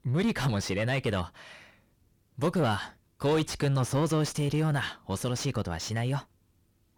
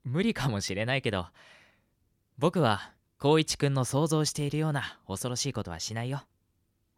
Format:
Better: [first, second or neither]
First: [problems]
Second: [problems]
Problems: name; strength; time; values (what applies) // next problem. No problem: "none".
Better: second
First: distortion; heavy; 7 dB below the speech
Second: none